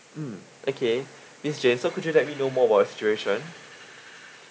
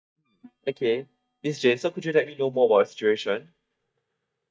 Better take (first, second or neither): first